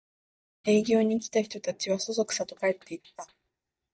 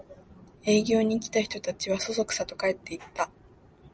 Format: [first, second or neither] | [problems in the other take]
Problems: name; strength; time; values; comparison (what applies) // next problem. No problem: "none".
second | noise reduction (neural mask model DeepFilterNet 3)